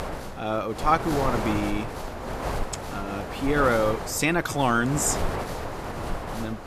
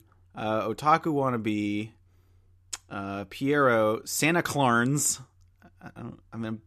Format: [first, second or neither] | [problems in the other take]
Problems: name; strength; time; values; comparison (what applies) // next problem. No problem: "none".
second | wind noise on the microphone; heavy; 7 dB below the speech